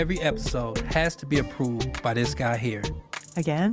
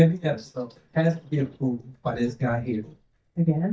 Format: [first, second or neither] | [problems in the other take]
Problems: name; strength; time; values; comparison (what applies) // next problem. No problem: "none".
first | noise reduction (neural mask model DeepFilterNet 3)